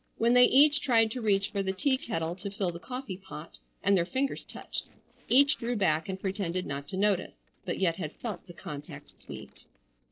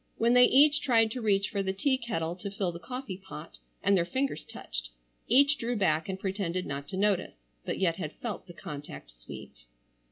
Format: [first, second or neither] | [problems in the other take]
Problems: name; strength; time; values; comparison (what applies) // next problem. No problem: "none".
second | noise reduction (neural separator model SepFormer DNS4)